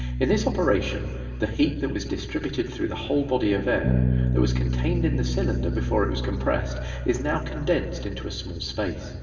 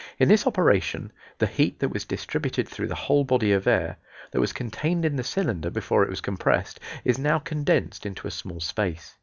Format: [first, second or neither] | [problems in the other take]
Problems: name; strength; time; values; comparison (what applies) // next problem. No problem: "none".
second | background sound (Bass guitar); 2 dB below the speech // room echo; dies away in 2 s